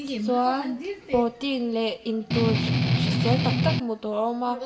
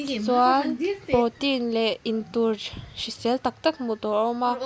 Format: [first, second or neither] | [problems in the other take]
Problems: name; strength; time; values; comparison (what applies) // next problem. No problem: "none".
second | background sound (Strum); 4 dB above the speech // room echo; dies away in 1.2 s